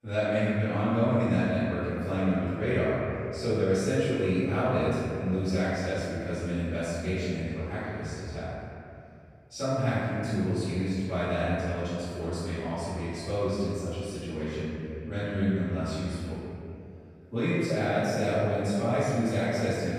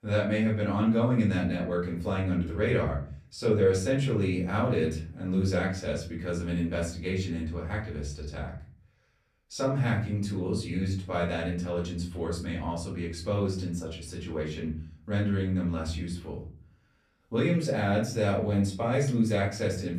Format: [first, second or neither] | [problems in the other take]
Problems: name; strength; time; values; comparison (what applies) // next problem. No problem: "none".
second | room echo; strong; dies away in 2.4 s; slight in the second // off-mic speech; far; far in the second